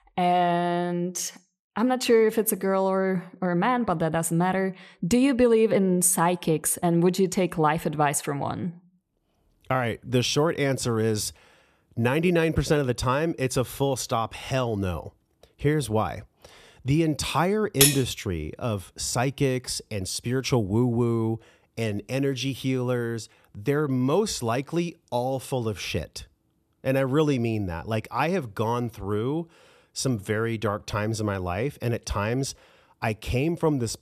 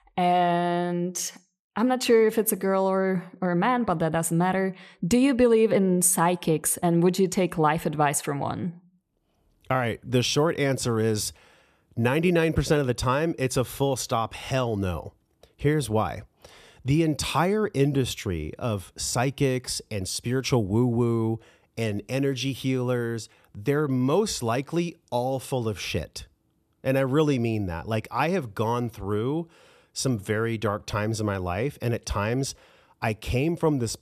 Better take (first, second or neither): second